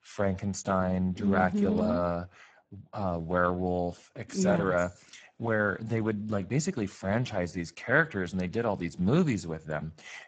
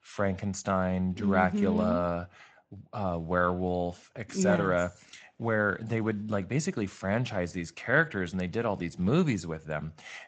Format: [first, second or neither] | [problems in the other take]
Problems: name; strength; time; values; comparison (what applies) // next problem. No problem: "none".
second | garbled, watery; badly; nothing above 7.5 kHz; slightly in the second